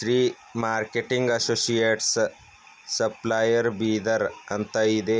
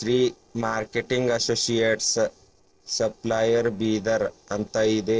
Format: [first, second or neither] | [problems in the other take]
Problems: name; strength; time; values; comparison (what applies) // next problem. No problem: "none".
first | noise reduction (neural separator model SepFormer DNS4)